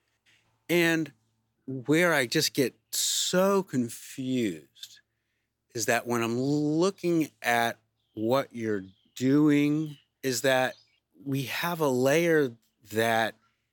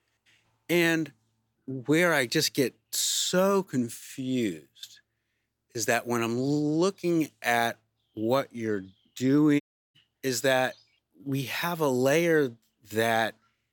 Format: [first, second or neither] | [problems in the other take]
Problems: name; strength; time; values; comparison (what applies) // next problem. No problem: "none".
first | audio cutting out; at 9.5 s